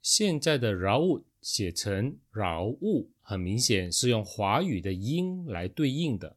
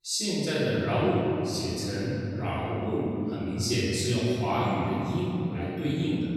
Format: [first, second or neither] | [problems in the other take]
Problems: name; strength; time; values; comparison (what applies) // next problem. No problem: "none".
first | room echo; strong; dies away in 2.9 s // off-mic speech; far